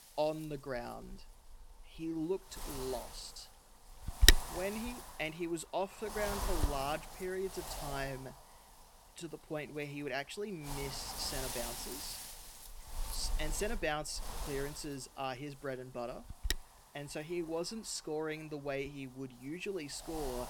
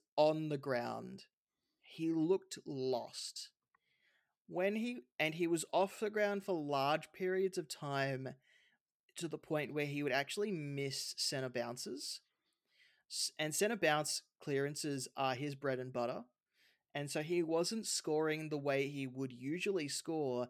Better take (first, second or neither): second